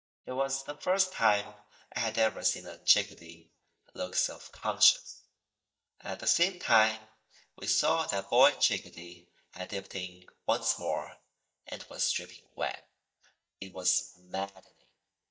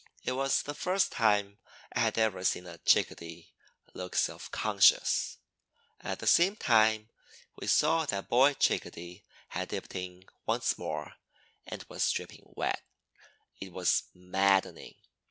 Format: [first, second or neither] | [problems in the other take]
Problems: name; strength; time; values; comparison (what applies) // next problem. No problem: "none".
second | noise reduction (neural mask model DeepFilterNet 3)